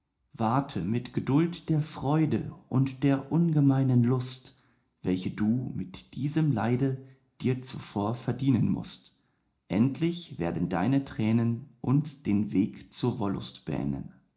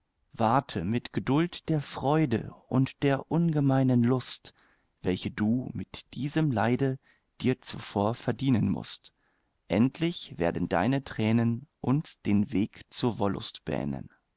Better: second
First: room echo; dies away in 0.4 s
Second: none

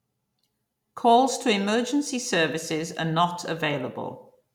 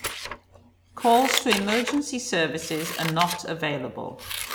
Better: first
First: none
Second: background sound (Scissors); 7 dB below the speech

